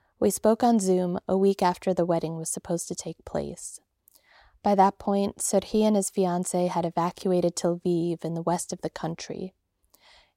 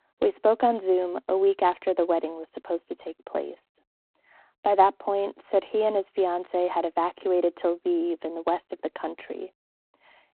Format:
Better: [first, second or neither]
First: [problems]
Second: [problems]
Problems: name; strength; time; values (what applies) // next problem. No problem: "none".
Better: first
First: none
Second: phone-call audio; poor line; nothing above 4 kHz